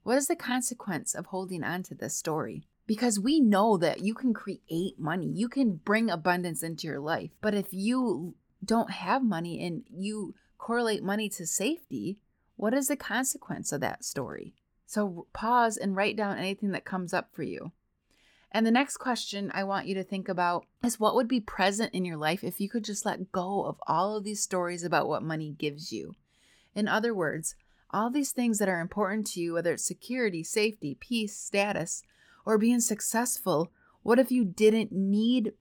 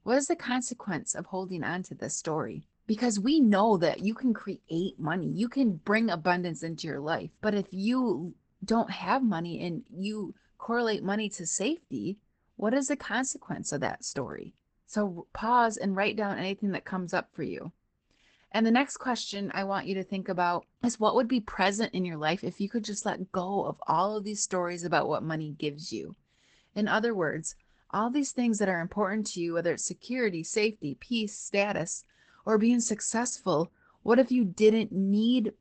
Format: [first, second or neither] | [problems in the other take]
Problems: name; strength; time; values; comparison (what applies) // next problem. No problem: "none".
first | garbled, watery; badly; nothing above 8 kHz